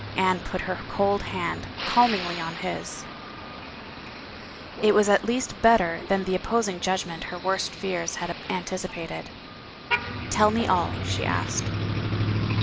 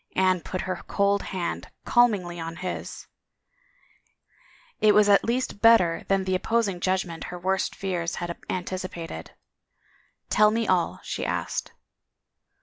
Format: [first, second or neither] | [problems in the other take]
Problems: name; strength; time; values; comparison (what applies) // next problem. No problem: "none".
second | background sound (Motor vehicle (road)); 5 dB below the speech